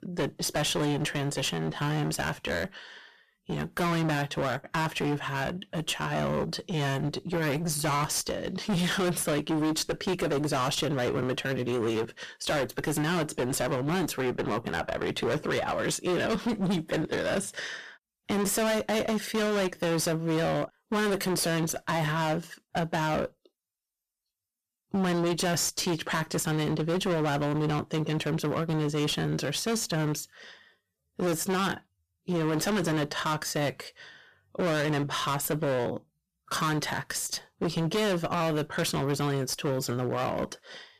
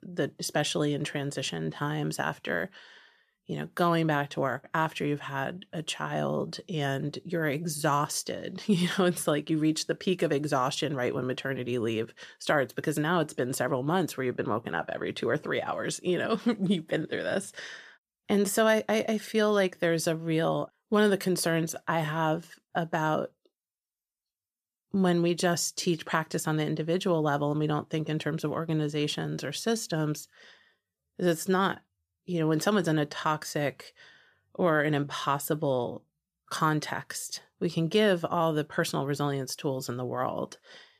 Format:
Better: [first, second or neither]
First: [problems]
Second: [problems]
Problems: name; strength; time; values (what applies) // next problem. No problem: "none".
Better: second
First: distortion; heavy; 24% of the sound clipped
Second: none